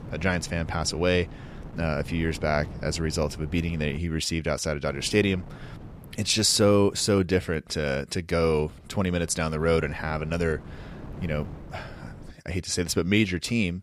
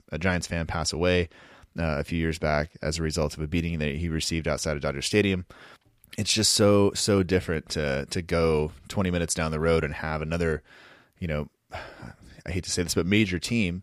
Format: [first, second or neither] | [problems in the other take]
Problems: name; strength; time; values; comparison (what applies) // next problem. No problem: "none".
second | wind noise on the microphone; occasional gusts; until 4 s, from 5 to 7 s and from 8.5 to 12 s; 20 dB below the speech